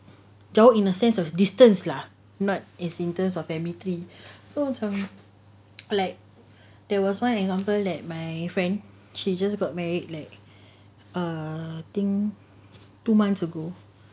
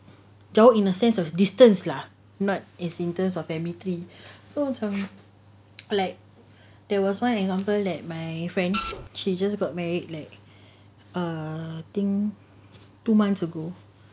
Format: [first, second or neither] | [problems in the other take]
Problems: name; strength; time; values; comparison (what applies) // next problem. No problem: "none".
first | background sound (Printer); 7 dB below the speech